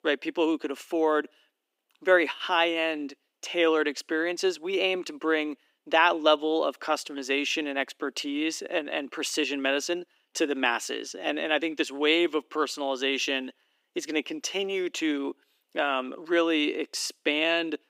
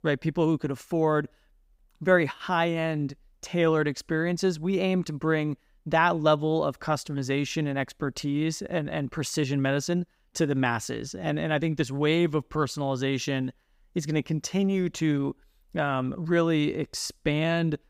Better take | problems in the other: second | thin; somewhat; fading below 300 Hz

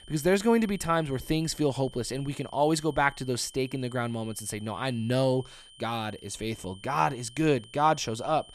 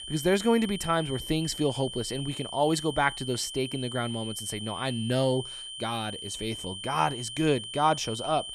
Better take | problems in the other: first | high-pitched whine; loud; throughout; 3 kHz, 8 dB below the speech; faint in the first

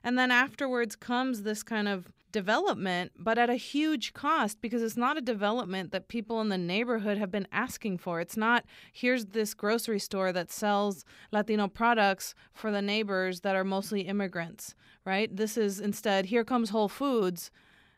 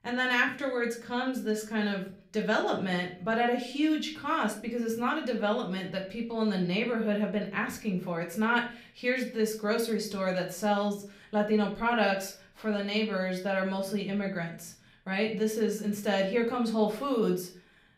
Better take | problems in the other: first | room echo; slight; dies away in 0.4 s // off-mic speech; somewhat distant

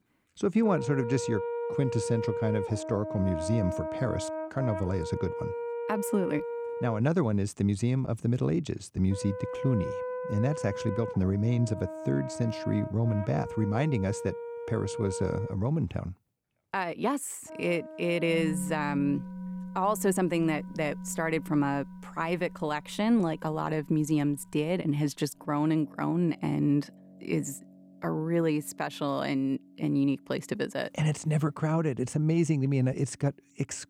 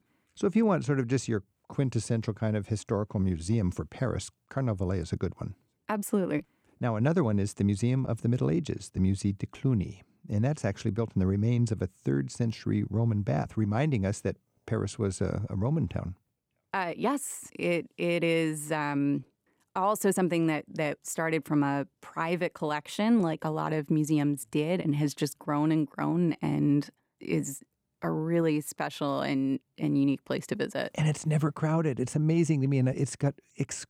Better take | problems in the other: second | background music; loud; throughout; 7 dB below the speech

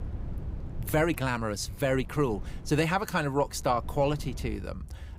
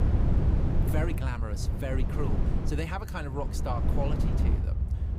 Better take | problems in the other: first | low rumble; loud; throughout; 3 dB below the speech; faint in the first

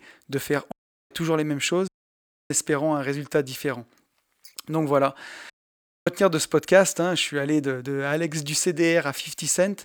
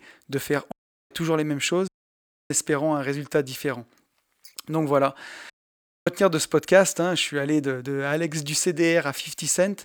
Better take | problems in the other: neither | audio cutting out; at 0.5 s, at 2 s for 0.5 s and at 5.5 s for 0.5 s; the same in both

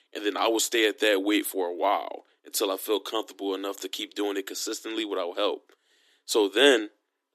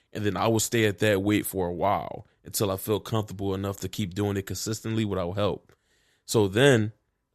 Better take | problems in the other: second | thin; somewhat; fading below 300 Hz

